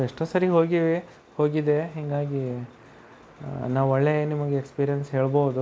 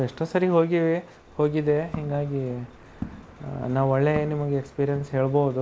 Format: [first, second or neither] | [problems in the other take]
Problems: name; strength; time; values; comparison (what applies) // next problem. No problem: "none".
first | background sound (Walk, footsteps); 18 dB below the speech